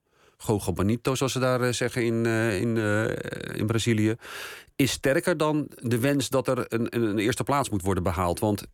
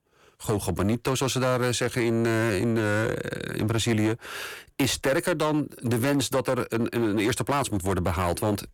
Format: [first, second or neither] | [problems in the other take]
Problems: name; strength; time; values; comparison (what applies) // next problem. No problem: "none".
first | distortion; slight; 10% of the sound clipped